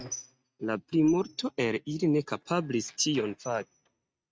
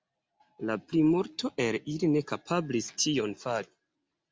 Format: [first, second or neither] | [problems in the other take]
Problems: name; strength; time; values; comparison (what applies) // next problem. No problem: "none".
second | noise reduction (neural mask model RNNoise)